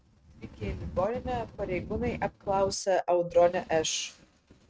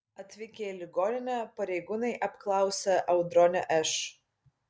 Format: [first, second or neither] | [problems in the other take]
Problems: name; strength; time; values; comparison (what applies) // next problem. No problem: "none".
second | noise reduction (neural mask model RNNoise)